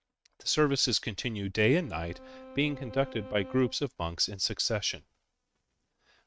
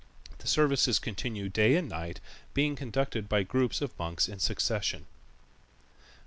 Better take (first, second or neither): second